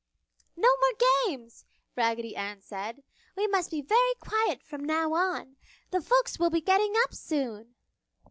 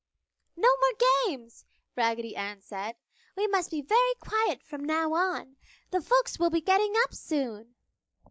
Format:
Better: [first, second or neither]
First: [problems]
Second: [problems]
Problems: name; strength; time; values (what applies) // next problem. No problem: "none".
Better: first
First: none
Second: noise reduction (neural mask model Resemble Enhance denoiser)